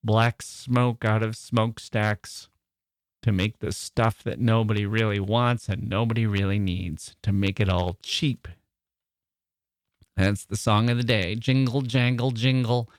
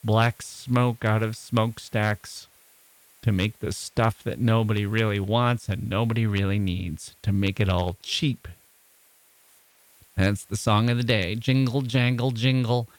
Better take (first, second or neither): first